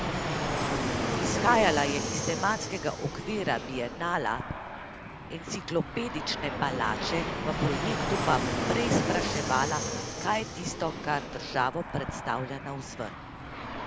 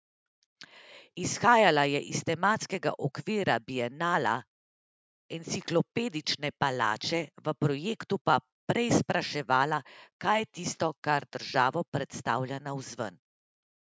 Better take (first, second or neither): second